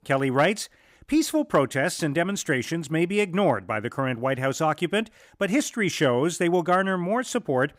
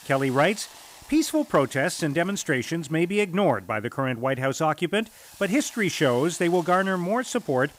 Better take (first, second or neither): first